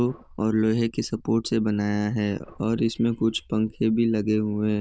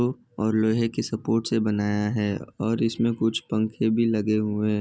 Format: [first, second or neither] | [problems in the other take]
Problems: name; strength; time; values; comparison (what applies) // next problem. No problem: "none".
second | noise reduction (neural diffusion model UNIVERSE++)